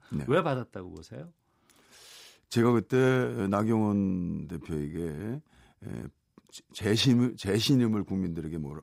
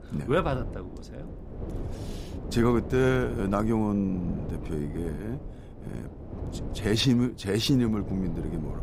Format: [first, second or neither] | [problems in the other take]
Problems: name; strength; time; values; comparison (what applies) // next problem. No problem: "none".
first | wind noise on the microphone; occasional gusts; 15 dB below the speech